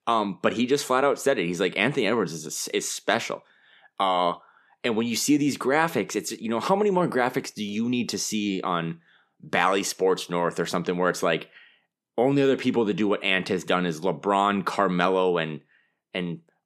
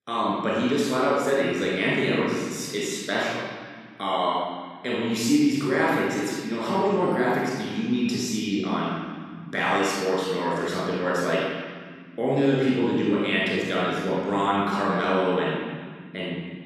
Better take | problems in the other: first | off-mic speech; far // room echo; strong; dies away in 1.8 s

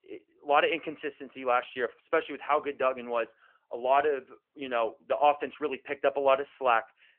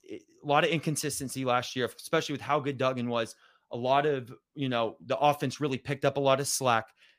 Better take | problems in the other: second | phone-call audio; nothing above 3 kHz

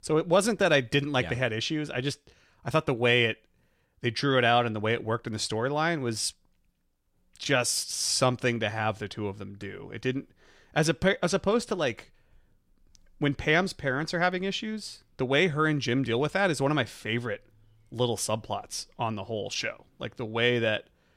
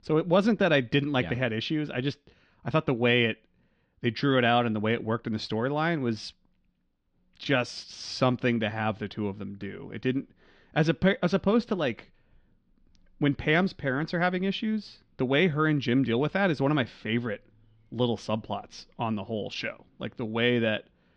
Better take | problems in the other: first | muffled; very slightly; fading above 4.5 kHz

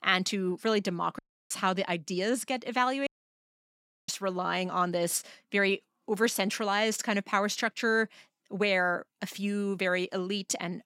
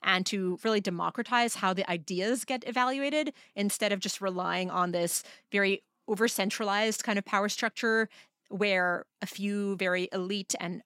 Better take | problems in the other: second | audio cutting out; at 1 s and at 3 s for 1 s

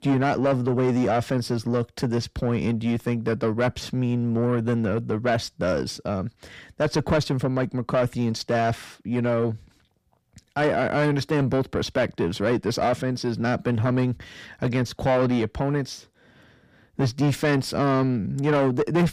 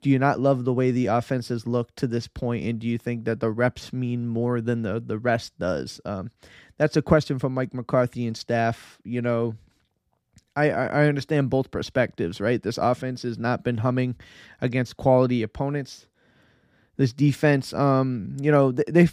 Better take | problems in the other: second | distortion; heavy; 7 dB below the speech

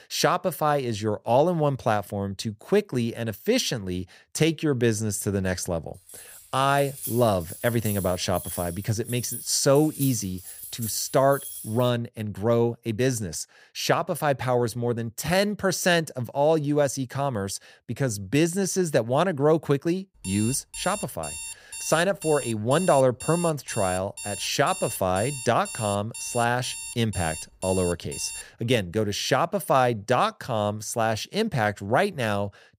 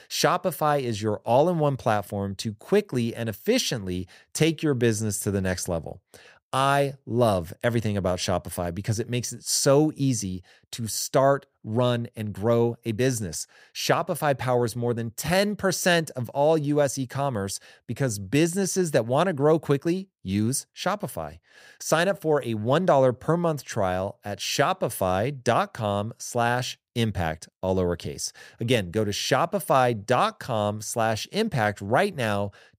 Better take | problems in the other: second | jangling keys; noticeable; from 6 to 12 s; peak 8 dB below the speech // alarm; noticeable; from 20 to 28 s; peak 8 dB below the speech

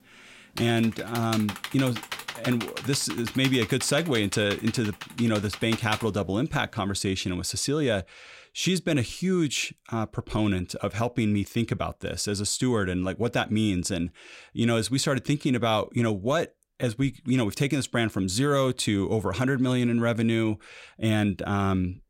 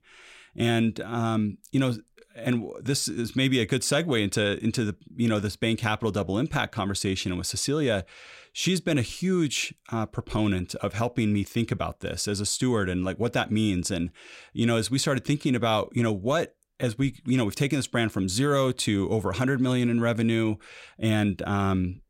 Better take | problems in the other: second | keyboard typing; noticeable; from 0.5 to 6 s; peak 7 dB below the speech

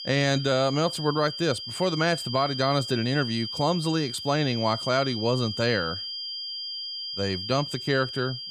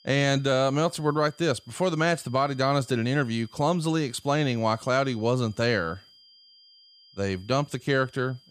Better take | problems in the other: second | high-pitched whine; loud; throughout; 5 kHz, 6 dB below the speech; faint in the second

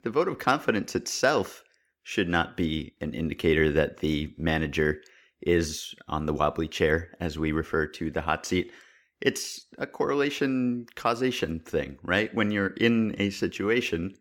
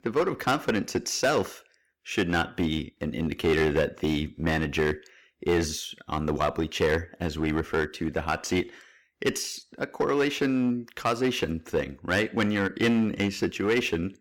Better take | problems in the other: first | distortion; slight; 4% of the sound clipped

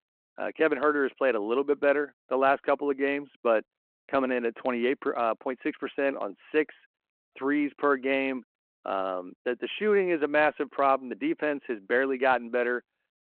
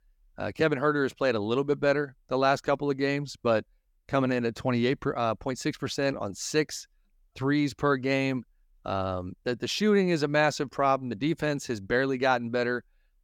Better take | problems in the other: second | phone-call audio

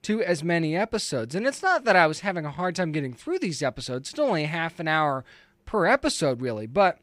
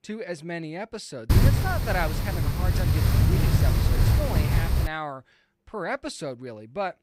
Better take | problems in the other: first | wind noise on the microphone; heavy; from 1.5 to 5 s; as loud as the speech

